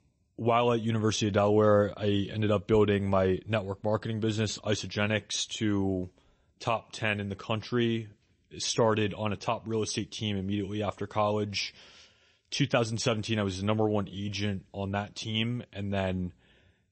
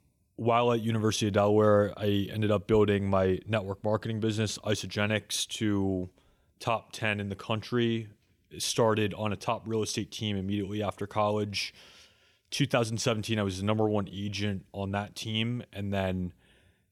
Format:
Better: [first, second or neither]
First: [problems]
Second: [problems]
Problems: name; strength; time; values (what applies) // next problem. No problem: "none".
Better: second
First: garbled, watery; slightly; nothing above 8 kHz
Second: none